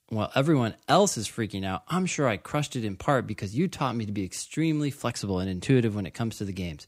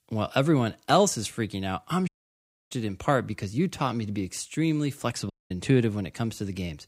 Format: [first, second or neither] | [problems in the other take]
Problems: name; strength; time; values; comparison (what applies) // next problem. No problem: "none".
first | audio cutting out; at 2 s for 0.5 s and at 5.5 s